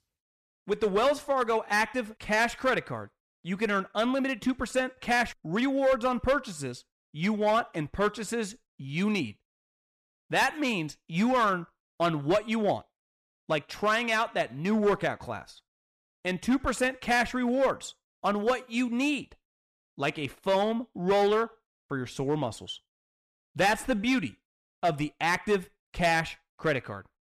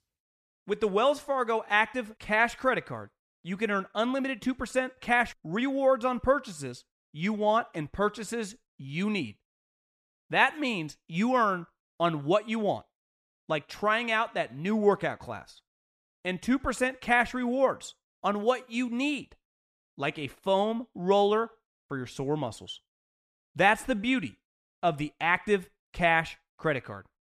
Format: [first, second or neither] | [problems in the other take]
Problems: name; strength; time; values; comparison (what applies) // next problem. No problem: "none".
second | distortion; slight; 4% of the sound clipped